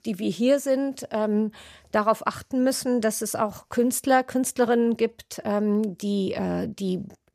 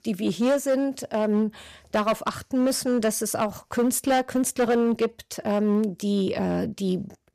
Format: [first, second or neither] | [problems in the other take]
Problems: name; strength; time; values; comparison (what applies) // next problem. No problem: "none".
first | distortion; slight; 7% of the sound clipped